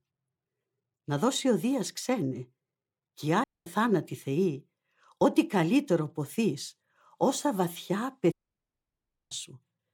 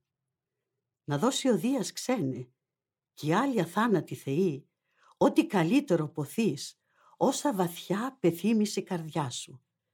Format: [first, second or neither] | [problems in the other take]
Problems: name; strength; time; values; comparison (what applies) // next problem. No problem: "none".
second | audio cutting out; at 3.5 s and at 8.5 s for 1 s